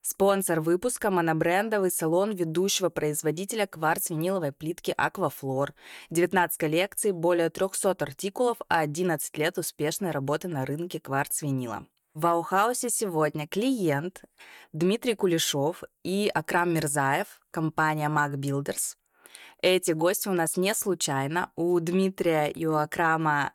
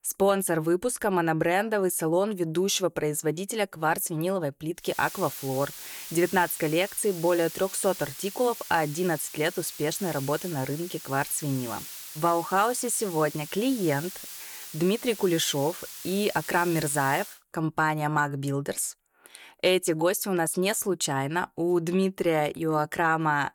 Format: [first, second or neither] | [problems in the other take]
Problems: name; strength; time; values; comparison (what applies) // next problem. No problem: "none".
first | hiss; noticeable; from 5 to 17 s; 10 dB below the speech